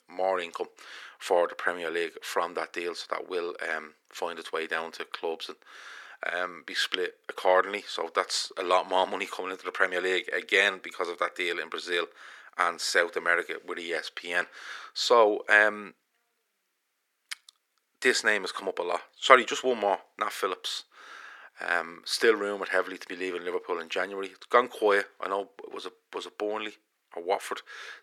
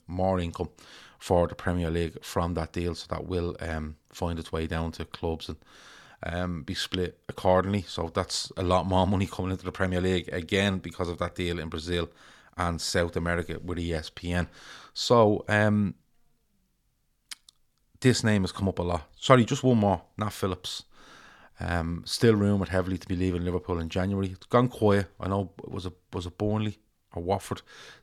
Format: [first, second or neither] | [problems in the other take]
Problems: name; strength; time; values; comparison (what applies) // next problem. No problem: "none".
second | thin; very; fading below 400 Hz